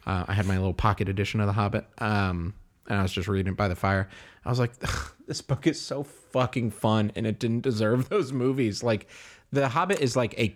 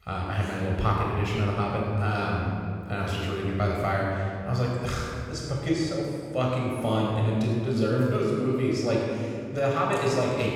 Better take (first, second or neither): first